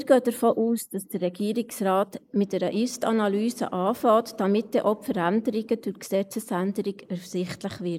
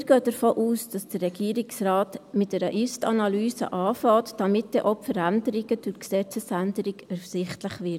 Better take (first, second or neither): second